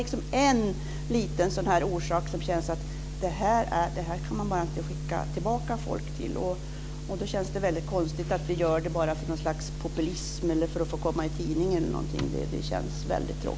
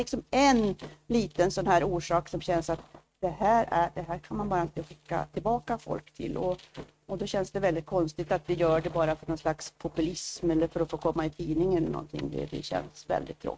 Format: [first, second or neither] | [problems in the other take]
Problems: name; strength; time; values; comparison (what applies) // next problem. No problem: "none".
first | noise reduction (neural mask model RNNoise)